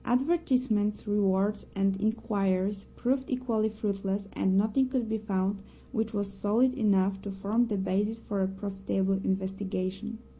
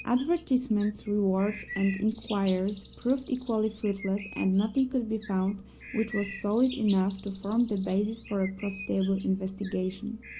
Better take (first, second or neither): first